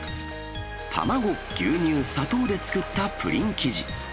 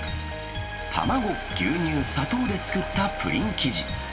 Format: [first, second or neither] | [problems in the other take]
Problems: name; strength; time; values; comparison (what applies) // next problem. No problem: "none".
first | background sound (Power tool); 17 dB below the speech // room echo; dies away in 2.1 s